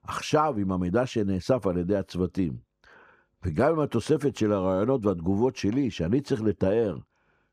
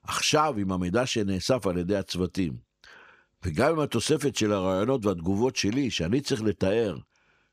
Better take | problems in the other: second | muffled; slightly; fading above 2 kHz

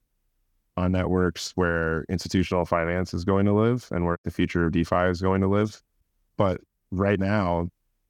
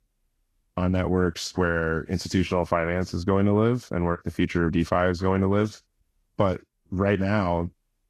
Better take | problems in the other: first | garbled, watery; slightly; nothing above 13 kHz

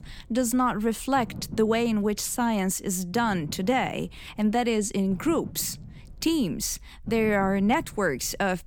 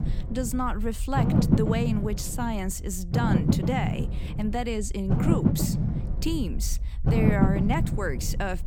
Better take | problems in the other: first | low rumble; loud; throughout; 2 dB below the speech; faint in the first

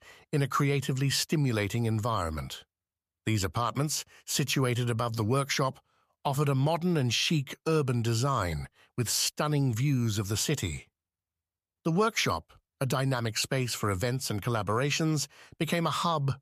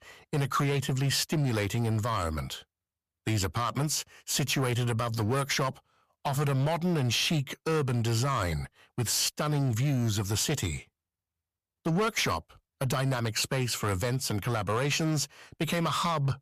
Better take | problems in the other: first | distortion; slight; 11% of the sound clipped

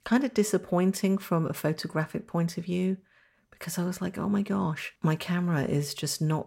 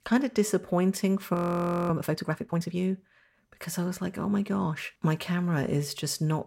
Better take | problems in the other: first | audio freezing; at 1.5 s for 0.5 s

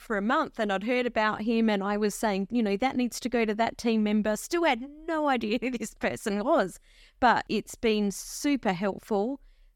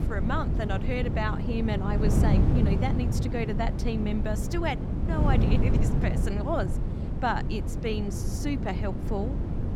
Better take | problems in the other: first | wind noise on the microphone; heavy; 5 dB below the speech

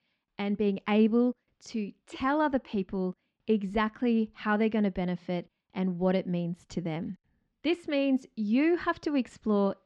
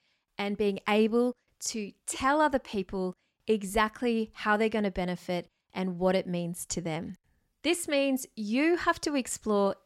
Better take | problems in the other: second | muffled; slightly; fading above 4 kHz

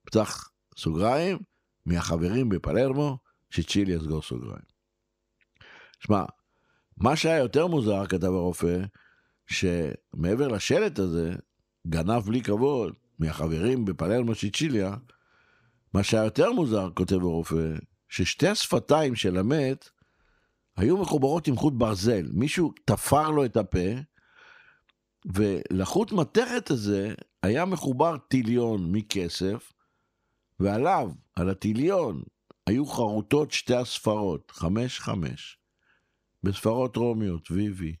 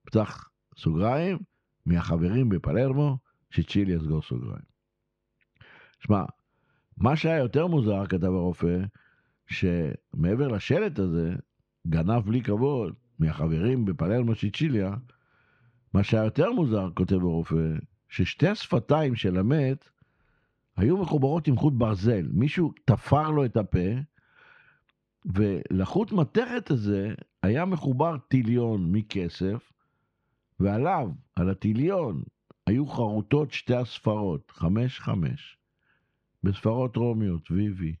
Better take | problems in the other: first | muffled; slightly; fading above 2.5 kHz

